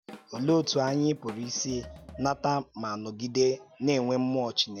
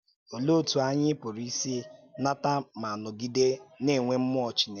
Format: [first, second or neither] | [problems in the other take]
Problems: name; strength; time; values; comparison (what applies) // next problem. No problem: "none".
second | background sound (Drum kit); 20 dB below the speech